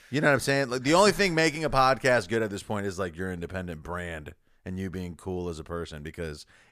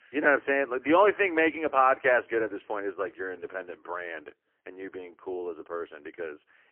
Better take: first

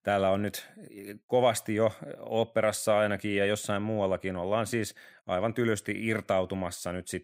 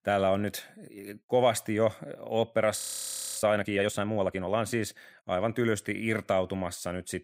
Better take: first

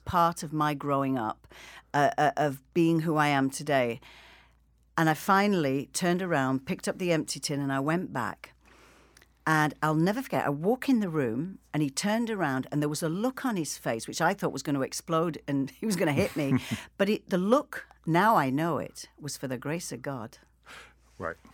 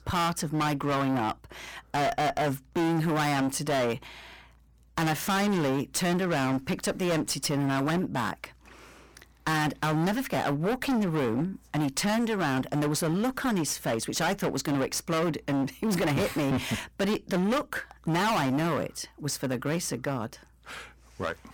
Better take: first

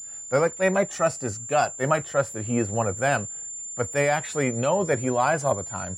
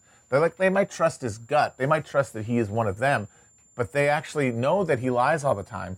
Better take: second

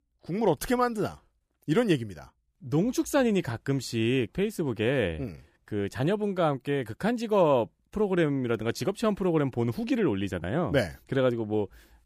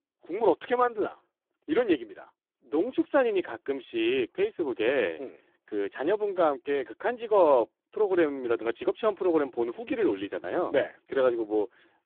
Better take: first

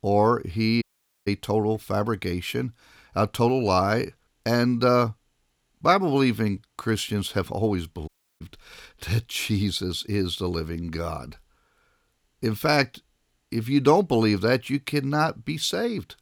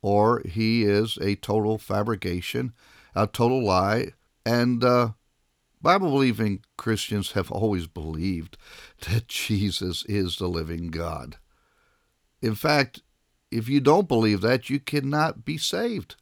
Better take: second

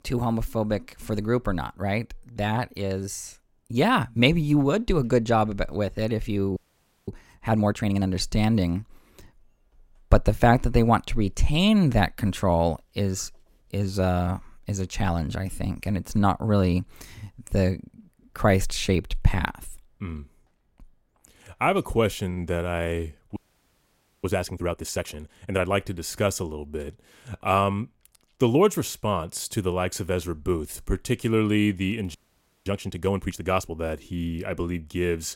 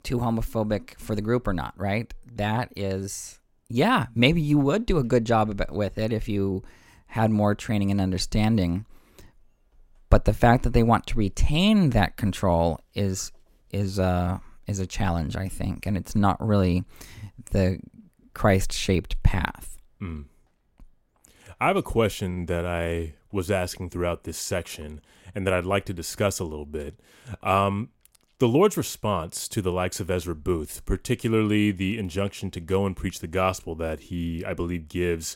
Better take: second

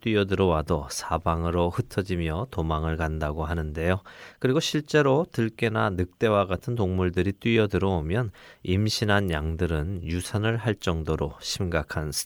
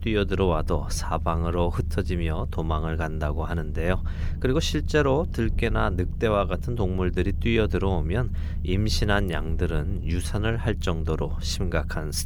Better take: first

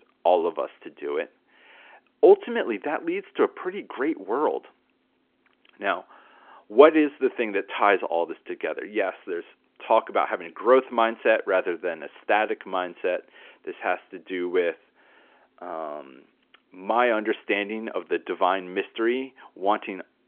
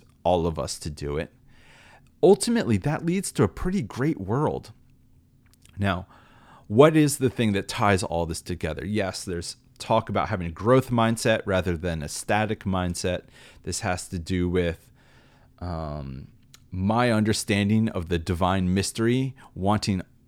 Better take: second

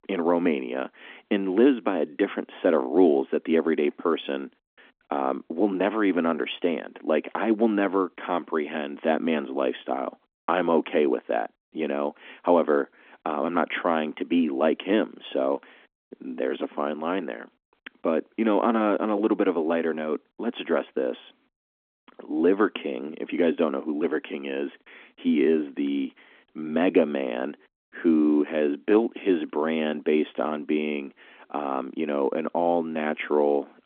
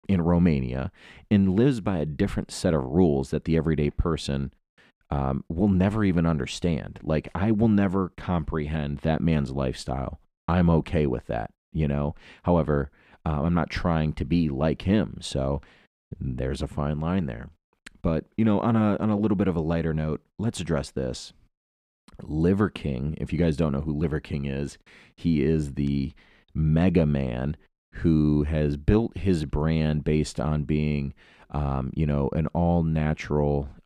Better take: second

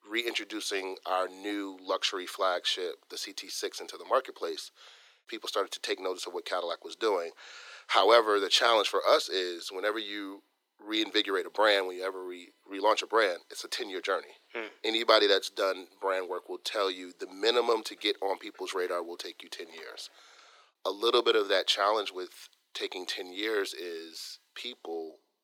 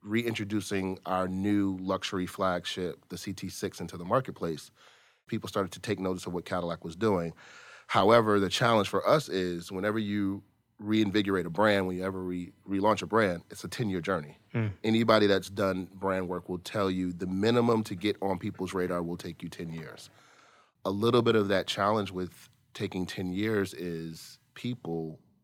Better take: second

